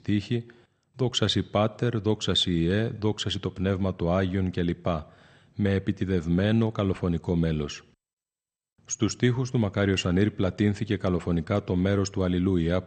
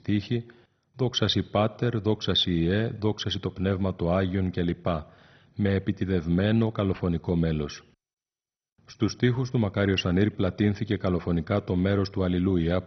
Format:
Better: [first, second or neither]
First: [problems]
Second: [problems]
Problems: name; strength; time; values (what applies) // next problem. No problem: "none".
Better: first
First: garbled, watery; slightly; nothing above 7 kHz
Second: garbled, watery; badly; nothing above 6 kHz